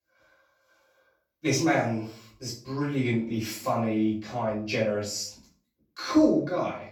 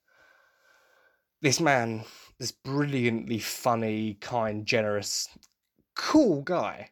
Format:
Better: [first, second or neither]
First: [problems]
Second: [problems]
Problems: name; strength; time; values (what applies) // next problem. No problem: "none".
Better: second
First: off-mic speech; far // room echo; noticeable; dies away in 0.4 s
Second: none